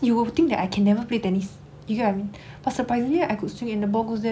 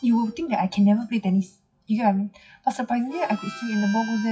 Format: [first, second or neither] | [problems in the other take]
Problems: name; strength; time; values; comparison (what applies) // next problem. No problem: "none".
first | noise reduction (classical method WPE with log-MMSE)